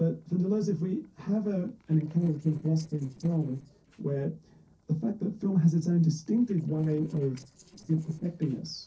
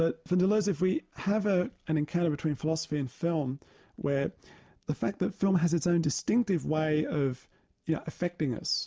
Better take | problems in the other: second | noise reduction (neural separator model SepFormer DNS4)

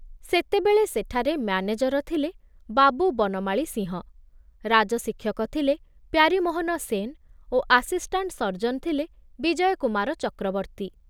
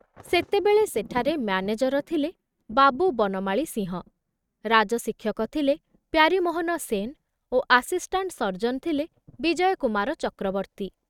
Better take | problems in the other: first | noise reduction (neural mask model RNNoise)

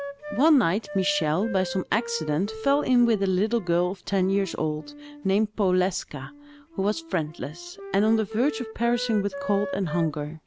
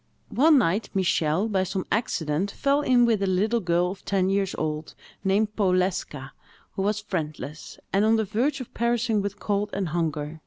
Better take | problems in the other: second | background sound (Wind instrument, woodwind instrument); 13 dB below the speech

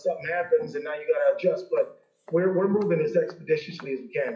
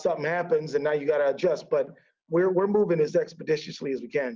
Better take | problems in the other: second | noise reduction (classical method WPE with log-MMSE)

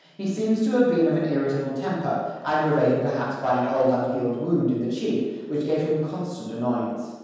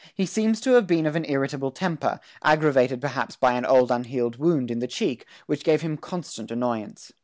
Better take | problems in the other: second | room echo; dies away in 1.2 s

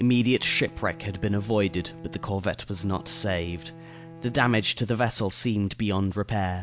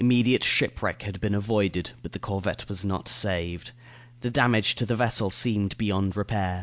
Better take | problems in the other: second | background sound (Bowed string instrument); 18 dB below the speech

